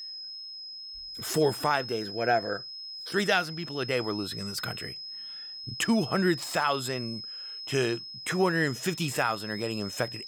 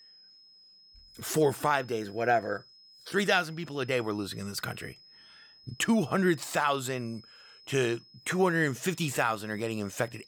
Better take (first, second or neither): second